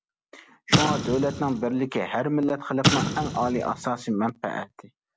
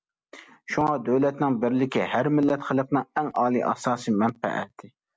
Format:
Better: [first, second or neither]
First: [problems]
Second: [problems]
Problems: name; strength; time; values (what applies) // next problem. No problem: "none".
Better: second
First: background sound (Explosion); 1 dB below the speech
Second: none